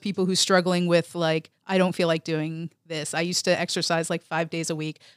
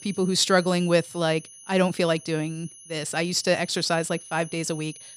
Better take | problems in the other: first | high-pitched whine; noticeable; throughout; 10.5 kHz, 20 dB below the speech

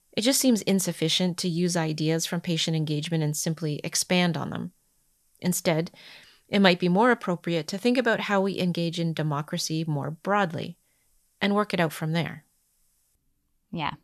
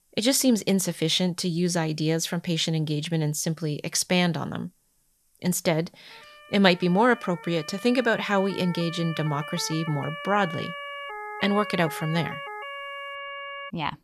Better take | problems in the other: first | siren; noticeable; from 6 s on; peak 9 dB below the speech

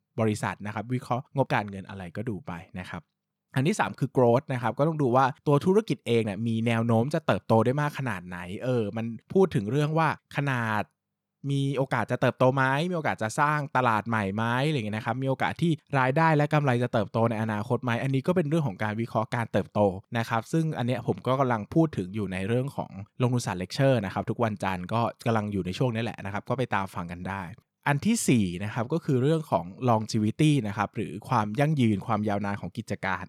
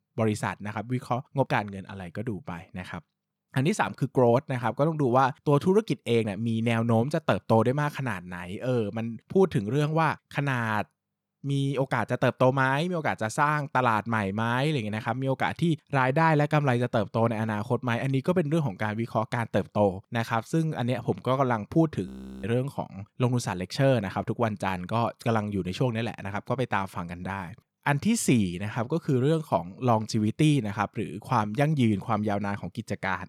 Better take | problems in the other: first | audio freezing; at 22 s

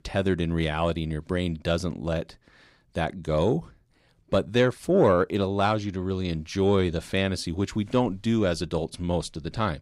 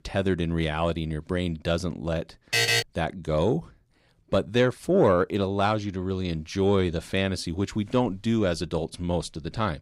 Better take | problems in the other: first | alarm; loud; at 2.5 s; peak 5 dB above the speech

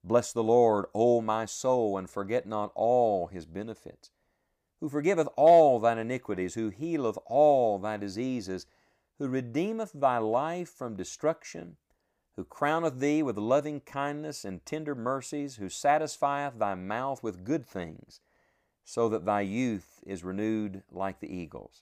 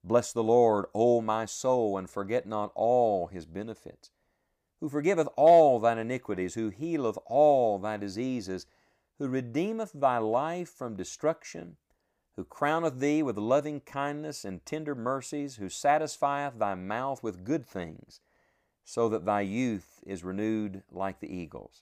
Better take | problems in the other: neither | none

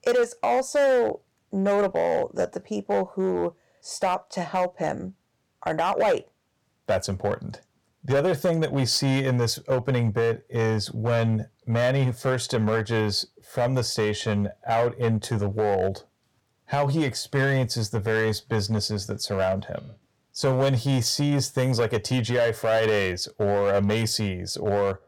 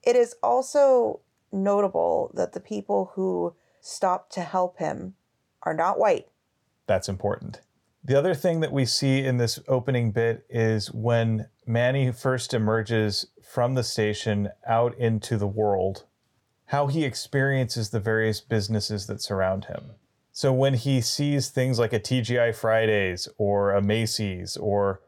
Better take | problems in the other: second | distortion; slight; 8% of the sound clipped

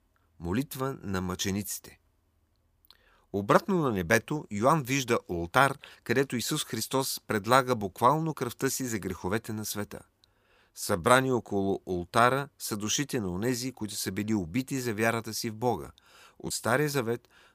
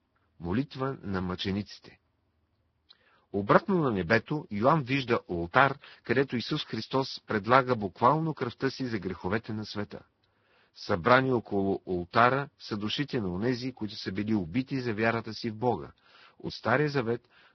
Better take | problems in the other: first | garbled, watery; badly; nothing above 5.5 kHz

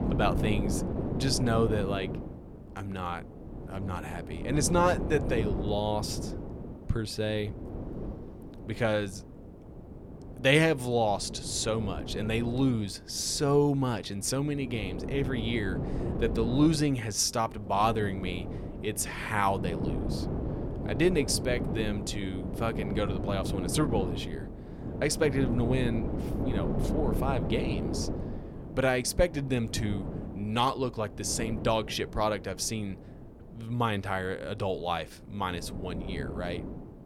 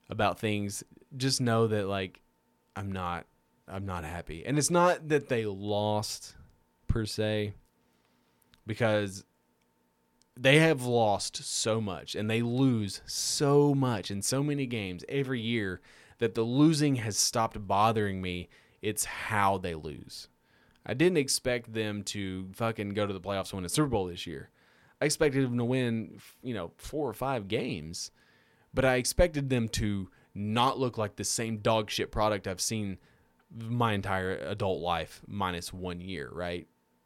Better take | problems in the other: second | wind noise on the microphone; heavy; 10 dB below the speech

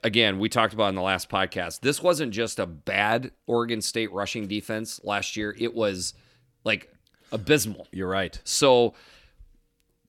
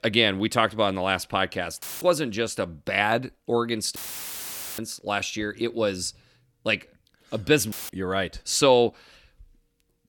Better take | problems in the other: first | audio cutting out; filled with static; at 2 s, at 4 s for 1 s and at 7.5 s

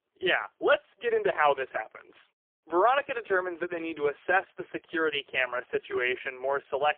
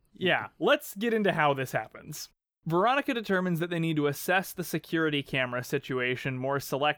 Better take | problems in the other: second | phone-call audio; poor line; nothing above 3 kHz

